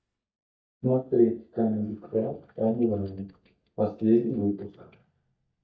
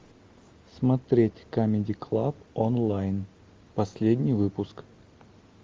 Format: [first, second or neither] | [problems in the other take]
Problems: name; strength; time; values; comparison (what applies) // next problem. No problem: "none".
second | noise reduction (neural mask model DeepFilterNet 3)